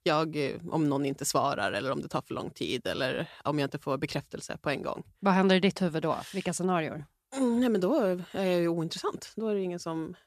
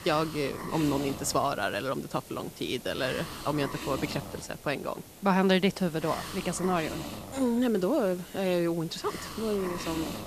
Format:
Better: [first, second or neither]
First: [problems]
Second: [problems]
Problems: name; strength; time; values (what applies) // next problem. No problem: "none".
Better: first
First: none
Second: hiss; noticeable; throughout; 10 dB below the speech